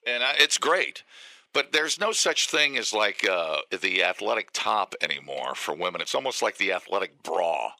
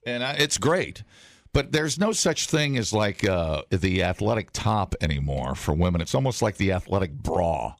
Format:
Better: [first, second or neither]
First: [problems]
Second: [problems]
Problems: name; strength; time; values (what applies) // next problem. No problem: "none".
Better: second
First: thin; very; fading below 400 Hz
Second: none